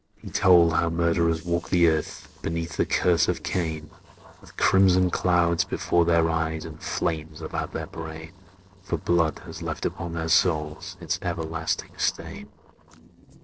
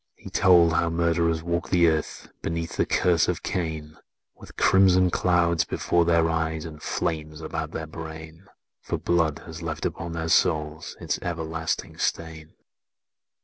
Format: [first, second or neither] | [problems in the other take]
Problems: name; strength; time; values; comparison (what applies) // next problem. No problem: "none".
second | noise reduction (neural separator model SepFormer DNS4)